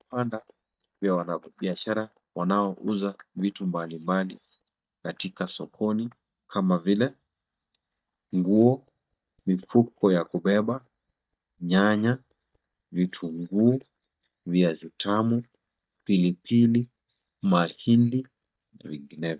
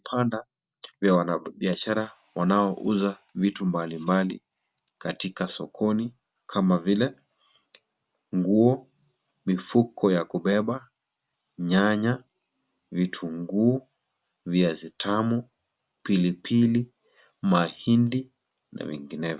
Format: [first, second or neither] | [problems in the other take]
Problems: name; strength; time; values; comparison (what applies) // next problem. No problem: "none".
second | noise reduction (neural mask model DeepFilterNet 3)